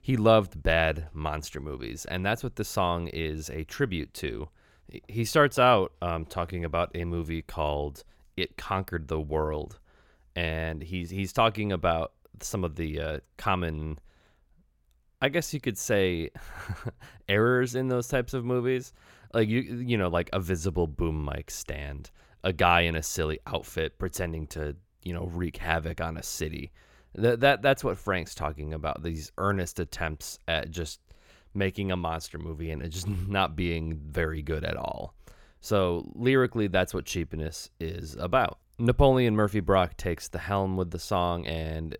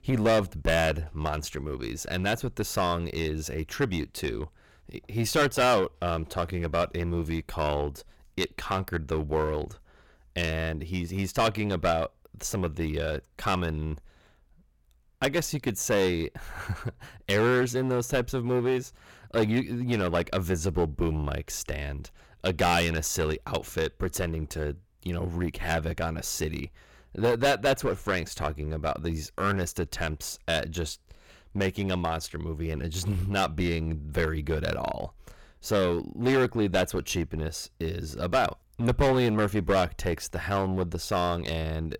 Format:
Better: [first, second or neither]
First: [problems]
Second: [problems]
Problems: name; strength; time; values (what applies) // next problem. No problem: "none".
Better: first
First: none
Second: distortion; heavy; 6% of the sound clipped